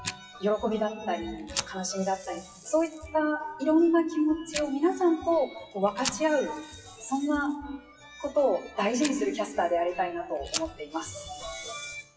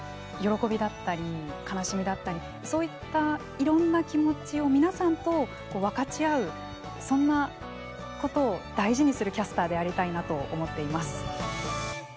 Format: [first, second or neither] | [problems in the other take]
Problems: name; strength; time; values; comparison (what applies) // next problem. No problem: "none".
second | noise reduction (classical method WPE with log-MMSE)